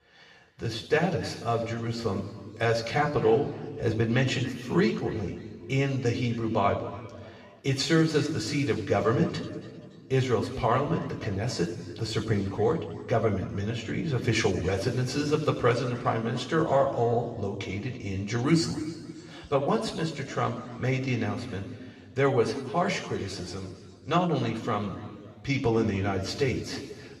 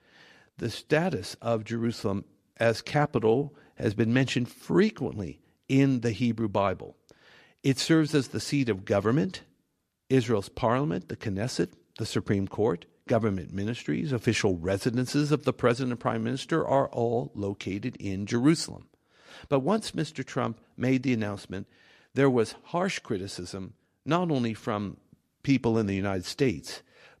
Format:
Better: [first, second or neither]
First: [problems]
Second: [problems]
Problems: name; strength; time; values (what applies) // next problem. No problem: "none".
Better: second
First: room echo; slight; dies away in 2.1 s // off-mic speech; far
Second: none